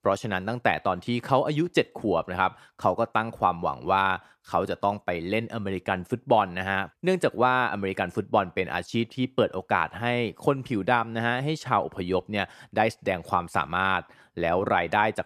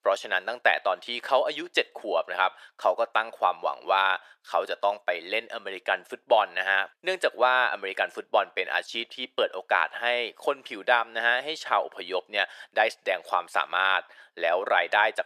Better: first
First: none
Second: thin; very; fading below 450 Hz

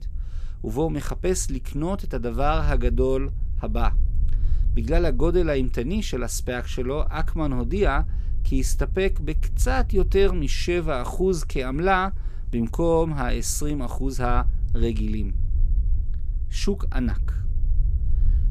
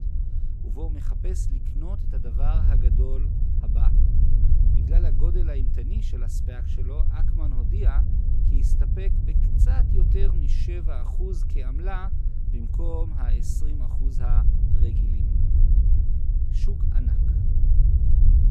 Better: first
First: low rumble; faint; throughout; 25 dB below the speech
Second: low rumble; loud; throughout; 1 dB below the speech

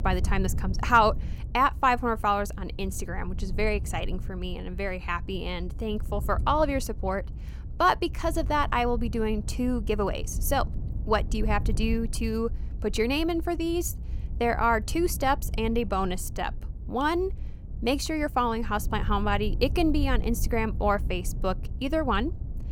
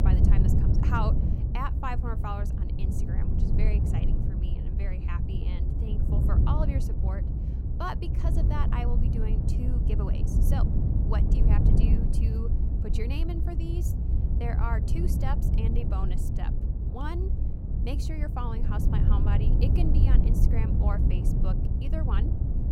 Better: first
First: low rumble; faint; throughout; 25 dB below the speech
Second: low rumble; loud; throughout; 2 dB below the speech

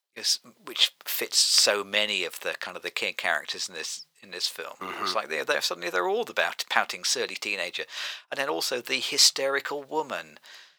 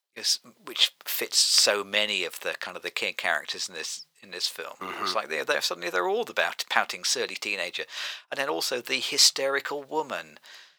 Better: neither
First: thin; very; fading below 900 Hz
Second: thin; very; fading below 900 Hz

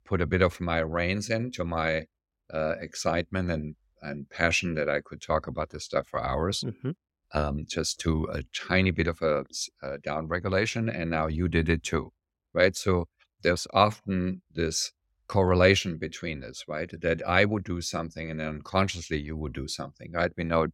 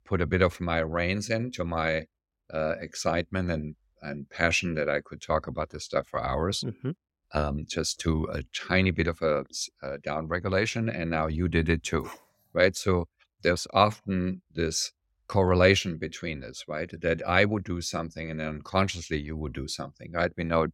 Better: first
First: none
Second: dog barking; faint; at 12 s; peak 15 dB below the speech

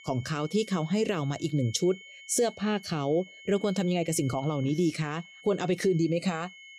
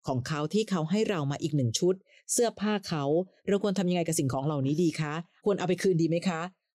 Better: second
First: high-pitched whine; noticeable; throughout; 2 kHz, 20 dB below the speech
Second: none

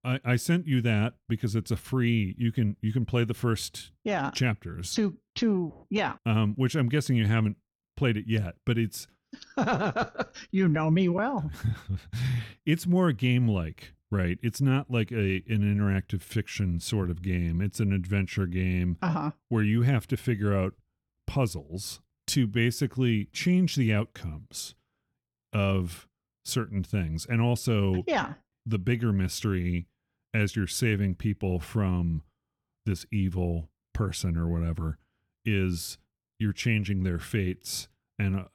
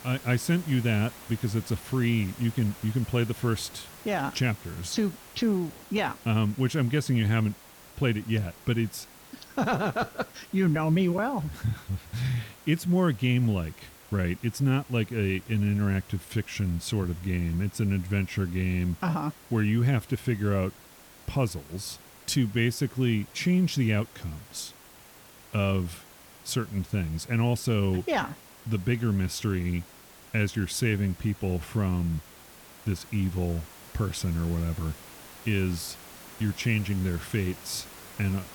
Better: first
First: none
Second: hiss; noticeable; throughout; 20 dB below the speech

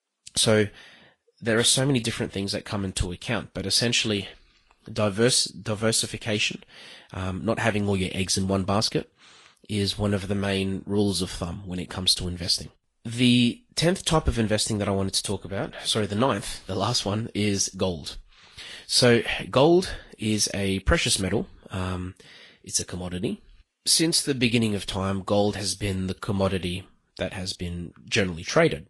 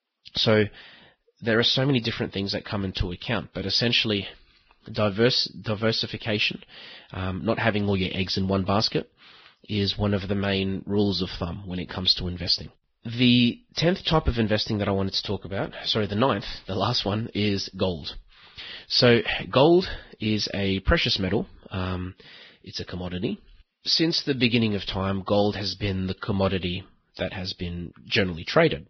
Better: first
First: garbled, watery; slightly; nothing above 11 kHz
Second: garbled, watery; badly; nothing above 5.5 kHz

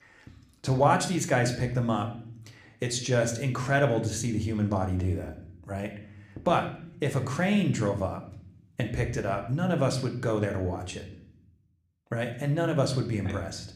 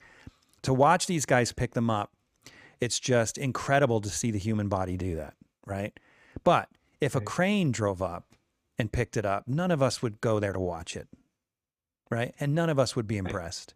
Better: second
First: room echo; very slight; dies away in 0.6 s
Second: none

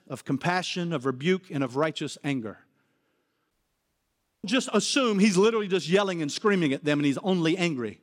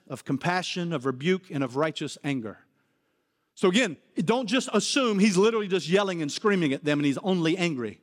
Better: second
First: audio cutting out; at 3.5 s for 1 s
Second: none

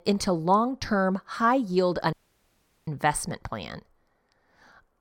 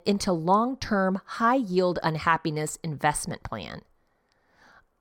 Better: second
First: audio cutting out; at 2 s for 0.5 s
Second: none

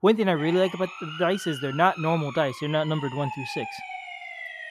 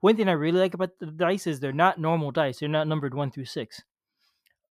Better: second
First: siren; noticeable; peak 8 dB below the speech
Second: none

